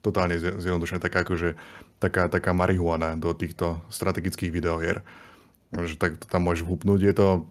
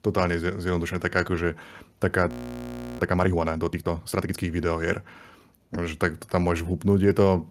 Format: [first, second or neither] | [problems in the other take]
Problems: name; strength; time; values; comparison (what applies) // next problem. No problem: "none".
first | audio freezing; at 2.5 s for 0.5 s